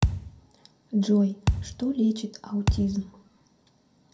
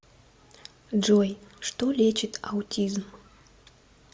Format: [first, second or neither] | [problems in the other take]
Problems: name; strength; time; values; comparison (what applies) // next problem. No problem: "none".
second | background sound (Thump, thud); 1 dB below the speech // room echo; dies away in 0.2 s